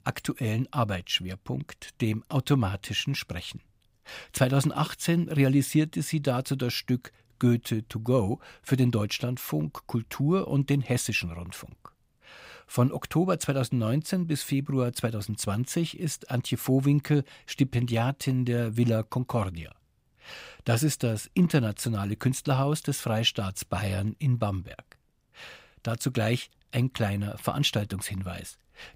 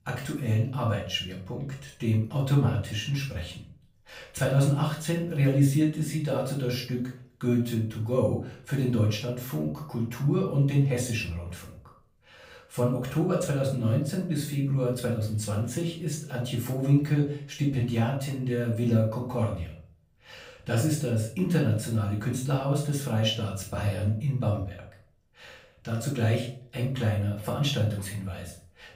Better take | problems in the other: first | off-mic speech; far // room echo; noticeable; dies away in 0.4 s

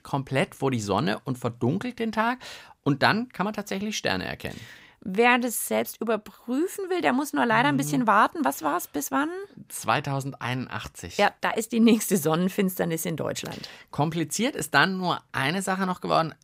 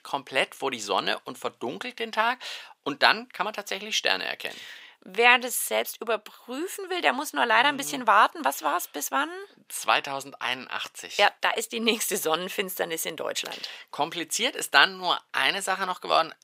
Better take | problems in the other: first | thin; somewhat; fading below 500 Hz

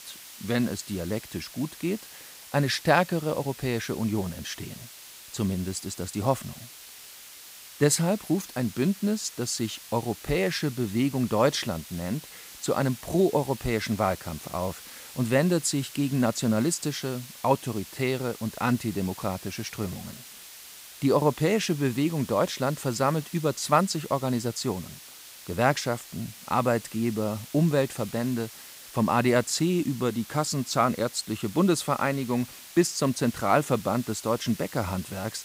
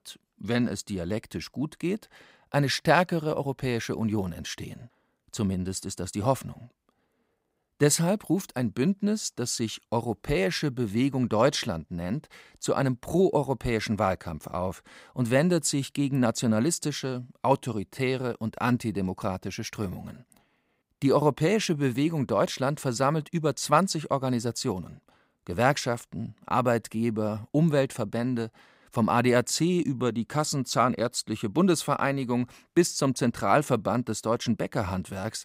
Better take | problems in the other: second | hiss; noticeable; throughout; 15 dB below the speech

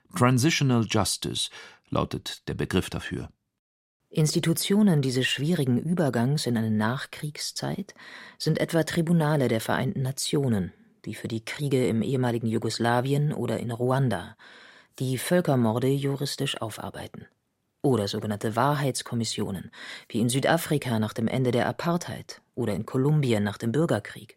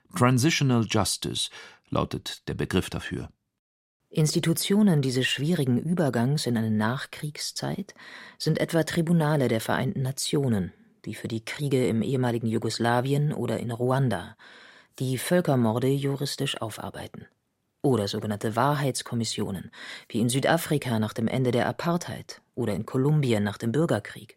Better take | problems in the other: neither | none

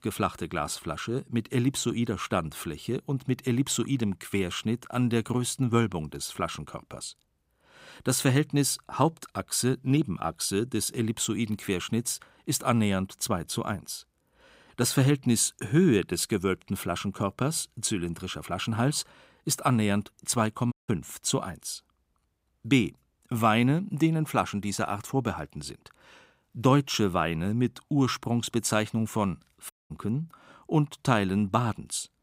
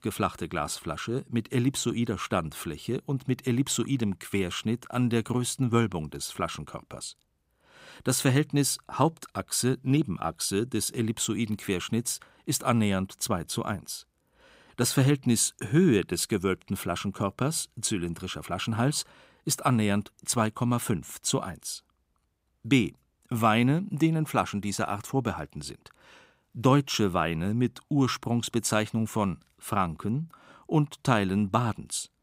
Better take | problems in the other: second | audio cutting out; at 21 s and at 30 s

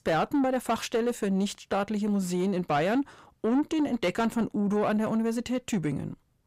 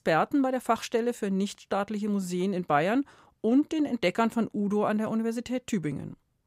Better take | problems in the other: second | distortion; slight; 10 dB below the speech

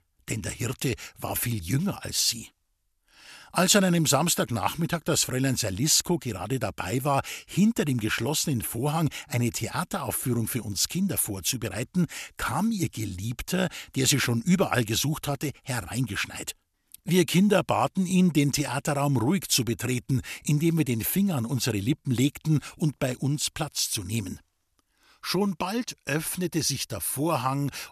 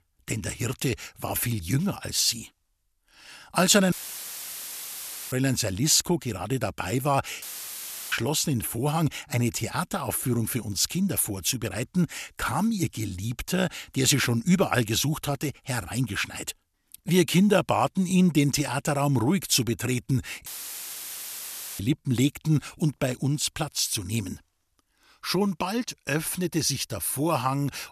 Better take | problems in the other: first | audio cutting out; filled with static; at 4 s for 1.5 s, at 7.5 s for 0.5 s and at 20 s for 1.5 s

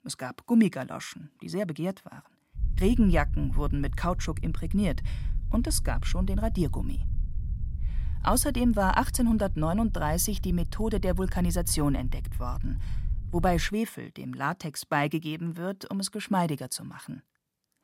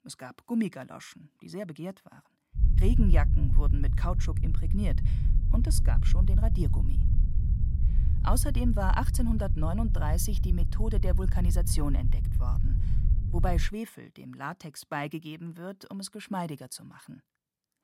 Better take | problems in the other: first | low rumble; loud; from 2.5 to 14 s; 8 dB below the speech; faint in the first

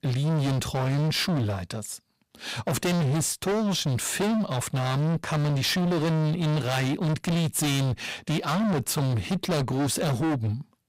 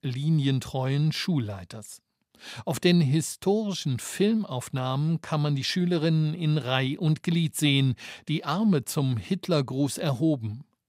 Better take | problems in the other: second | distortion; heavy; 37% of the sound clipped

